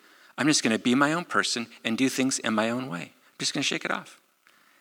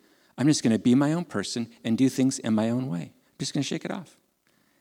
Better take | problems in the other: second | thin; somewhat; fading below 1 kHz

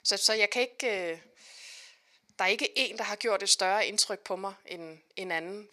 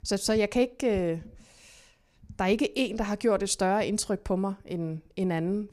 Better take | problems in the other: second | thin; very; fading below 600 Hz

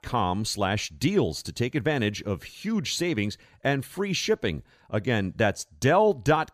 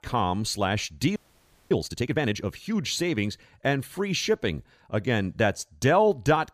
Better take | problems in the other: first | audio freezing; at 1 s for 0.5 s

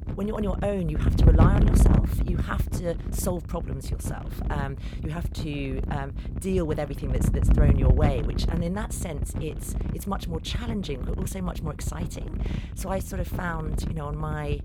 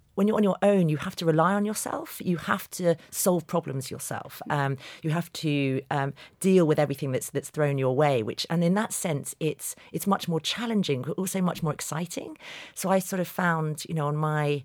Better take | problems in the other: second | wind noise on the microphone; heavy; 4 dB below the speech

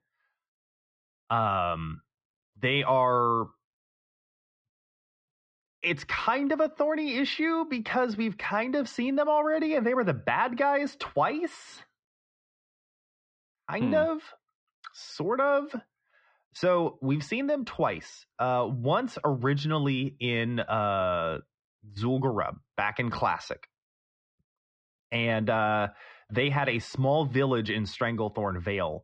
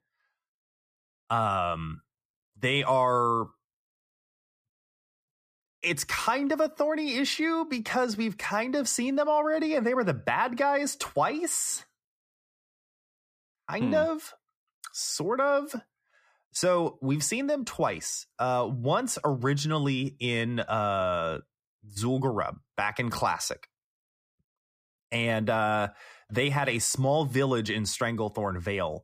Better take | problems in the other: second | muffled; slightly; fading above 4 kHz

